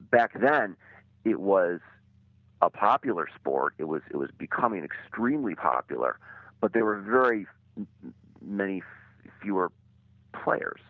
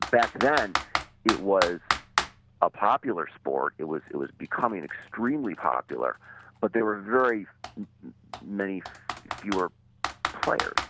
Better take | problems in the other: first | background sound (Computer keyboard); 6 dB below the speech

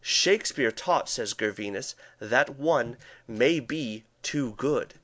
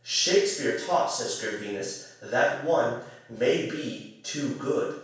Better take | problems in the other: first | room echo; dies away in 0.7 s

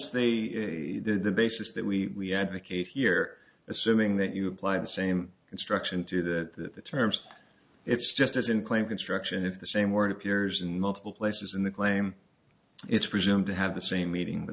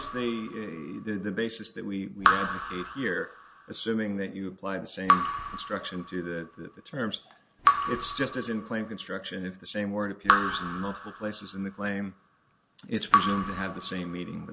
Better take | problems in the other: first | background sound (Raindrop / Drip); 2 dB above the speech

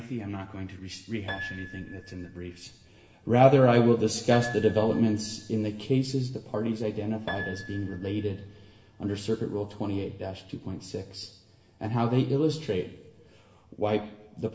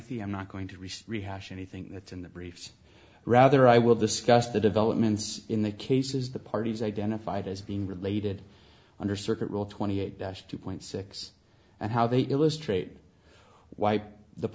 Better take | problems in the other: second | background sound (Piano); 17 dB below the speech // room echo; dies away in 1.6 s

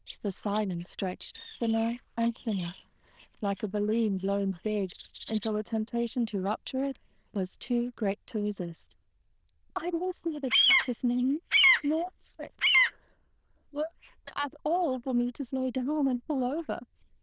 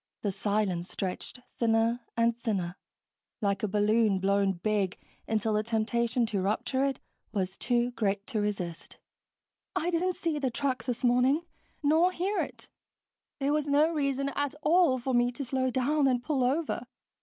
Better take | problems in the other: second | noise reduction (neural diffusion model UNIVERSE++)

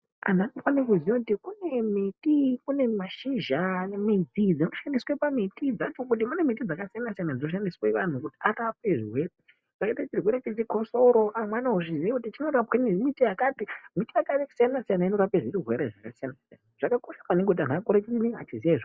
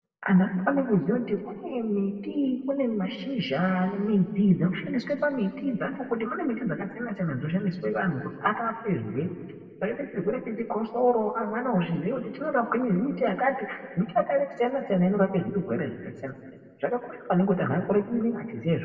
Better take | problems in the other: first | room echo; dies away in 1.8 s

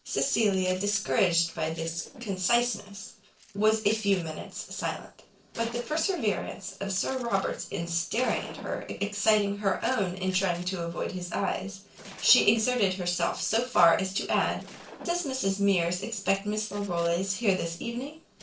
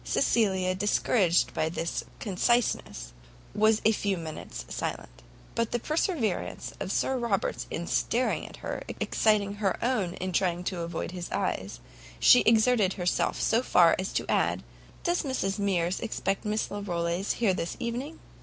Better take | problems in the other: second | noise reduction (neural separator model SepFormer DNS4)

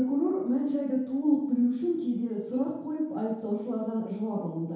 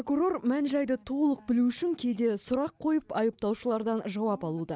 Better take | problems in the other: second | room echo; dies away in 0.8 s

